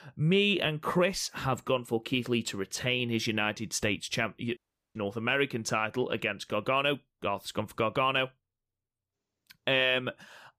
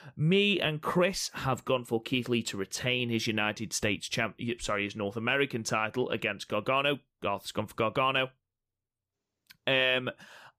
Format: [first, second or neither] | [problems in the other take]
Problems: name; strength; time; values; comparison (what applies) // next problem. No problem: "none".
second | audio cutting out; at 4.5 s